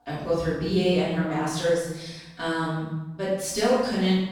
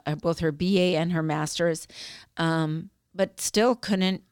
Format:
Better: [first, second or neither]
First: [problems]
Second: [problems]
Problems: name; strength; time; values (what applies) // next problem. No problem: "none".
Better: second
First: off-mic speech; far // room echo; strong; dies away in 0.9 s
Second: none